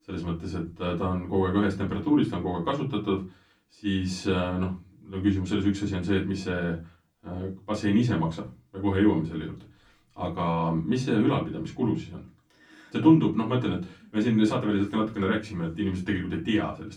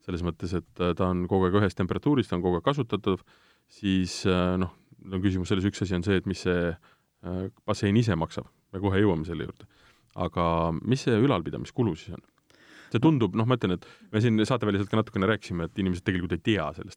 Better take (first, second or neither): second